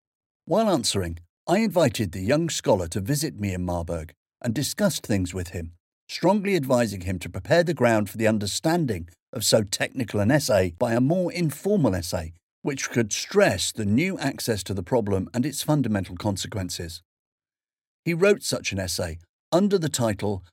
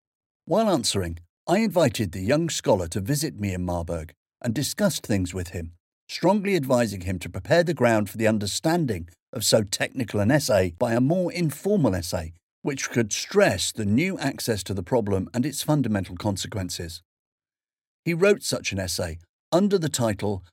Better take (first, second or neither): neither